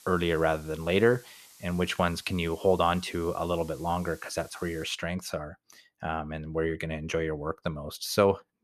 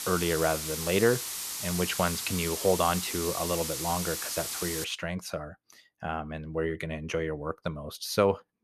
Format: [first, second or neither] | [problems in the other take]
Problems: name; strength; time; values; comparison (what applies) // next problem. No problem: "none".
first | hiss; loud; until 5 s; 2 dB below the speech; faint in the first